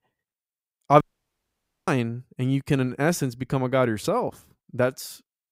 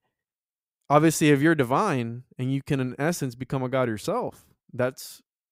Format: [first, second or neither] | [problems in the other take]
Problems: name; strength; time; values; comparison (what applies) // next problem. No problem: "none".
second | audio cutting out; at 1 s for 1 s